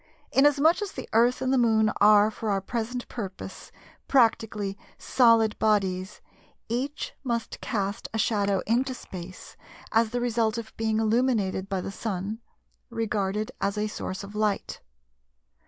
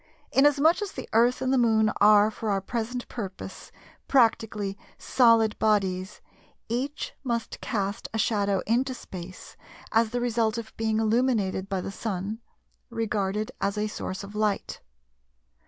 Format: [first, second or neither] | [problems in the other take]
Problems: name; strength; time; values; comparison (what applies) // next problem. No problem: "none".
second | noise reduction (neural mask model Resemble Enhance denoiser)